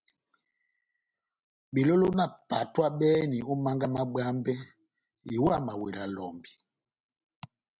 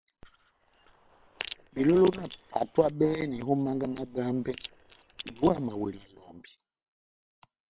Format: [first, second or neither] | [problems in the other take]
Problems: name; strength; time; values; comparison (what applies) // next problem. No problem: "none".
first | noise reduction (neural separator model SepFormer WHAM!)